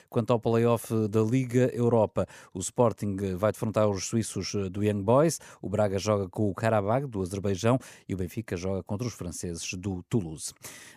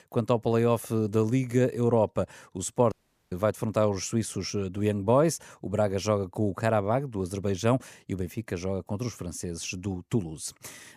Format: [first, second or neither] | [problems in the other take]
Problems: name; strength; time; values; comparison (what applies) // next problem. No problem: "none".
first | audio cutting out; at 3 s